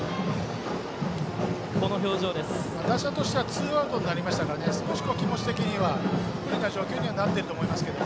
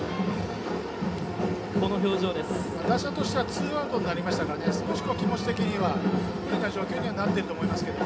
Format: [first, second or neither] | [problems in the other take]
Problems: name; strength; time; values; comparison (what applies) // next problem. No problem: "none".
first | room echo; dies away in 0.3 s